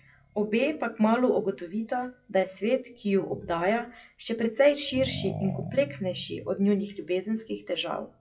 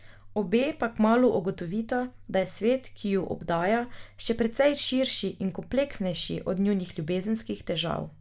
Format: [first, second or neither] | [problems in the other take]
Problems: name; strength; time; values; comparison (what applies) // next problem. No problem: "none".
second | noise reduction (classical method WPE with log-MMSE)